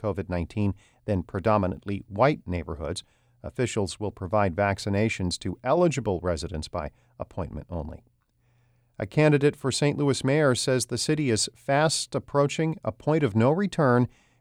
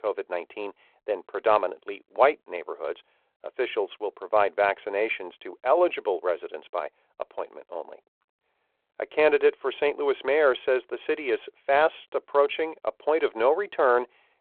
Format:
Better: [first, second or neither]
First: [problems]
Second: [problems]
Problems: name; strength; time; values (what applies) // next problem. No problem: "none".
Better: first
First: none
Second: phone-call audio